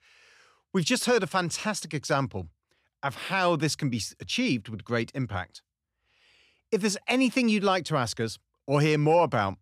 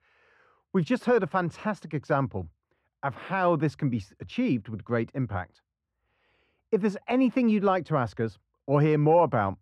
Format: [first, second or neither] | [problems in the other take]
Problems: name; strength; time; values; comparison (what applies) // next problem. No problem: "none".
first | muffled; very; fading above 3 kHz